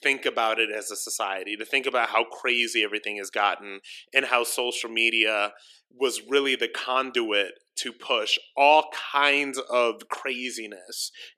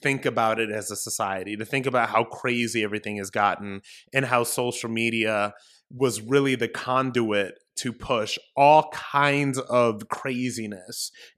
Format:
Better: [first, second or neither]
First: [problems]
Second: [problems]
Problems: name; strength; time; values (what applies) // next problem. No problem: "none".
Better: second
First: thin; somewhat; fading below 350 Hz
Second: none